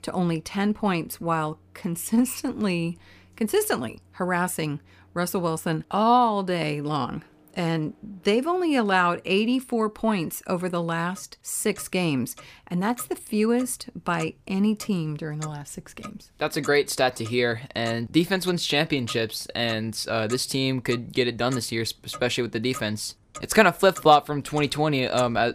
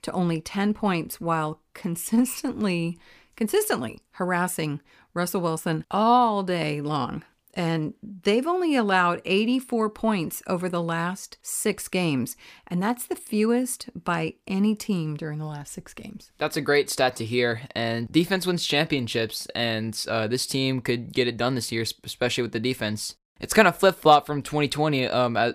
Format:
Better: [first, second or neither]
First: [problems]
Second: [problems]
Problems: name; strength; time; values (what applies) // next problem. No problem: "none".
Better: second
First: household noises; noticeable; throughout; 20 dB below the speech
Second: none